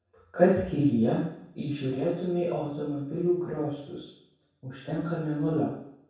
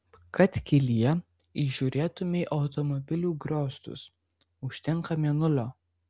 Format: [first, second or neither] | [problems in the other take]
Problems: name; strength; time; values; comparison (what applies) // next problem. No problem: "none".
second | room echo; dies away in 0.7 s